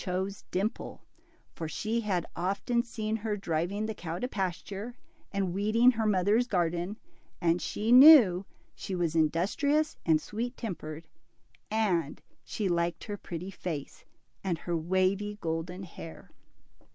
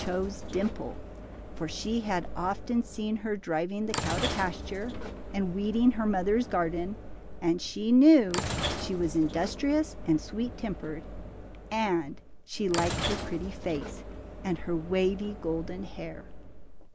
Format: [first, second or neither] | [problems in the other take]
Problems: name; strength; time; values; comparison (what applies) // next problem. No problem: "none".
first | background sound (Sliding door / Train); 9 dB below the speech